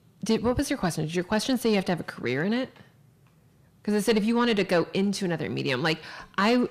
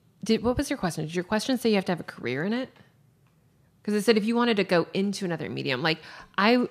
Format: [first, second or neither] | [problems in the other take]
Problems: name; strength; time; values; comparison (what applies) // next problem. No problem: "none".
second | distortion; slight; 10 dB below the speech